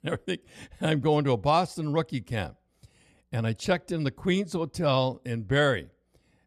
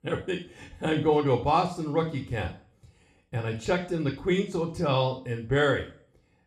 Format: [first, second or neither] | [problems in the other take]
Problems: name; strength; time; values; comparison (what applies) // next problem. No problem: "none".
first | room echo; slight; dies away in 0.4 s // off-mic speech; somewhat distant